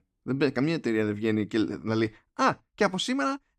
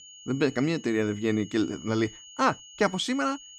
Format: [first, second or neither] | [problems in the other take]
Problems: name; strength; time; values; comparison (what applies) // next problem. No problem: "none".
first | high-pitched whine; noticeable; throughout; 3 kHz, 20 dB below the speech